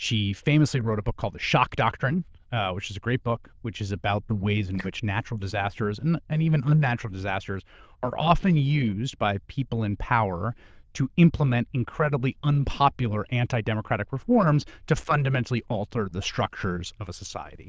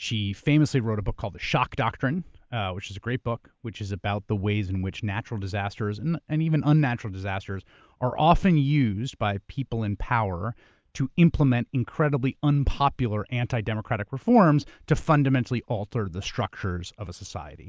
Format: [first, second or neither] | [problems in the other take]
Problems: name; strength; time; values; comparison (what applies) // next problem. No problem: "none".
second | noise reduction (neural diffusion model UNIVERSE++)